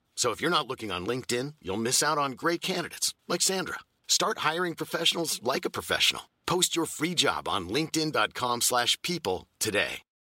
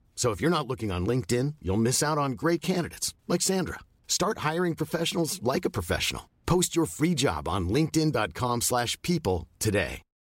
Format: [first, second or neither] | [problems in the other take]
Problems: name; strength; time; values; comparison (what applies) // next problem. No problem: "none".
second | thin; somewhat; fading below 500 Hz